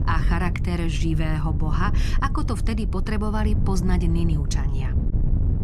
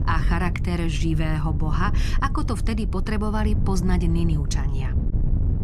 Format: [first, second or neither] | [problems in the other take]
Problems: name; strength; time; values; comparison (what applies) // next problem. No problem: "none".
second | wind noise on the microphone; heavy; 9 dB below the speech; occasional gusts in the second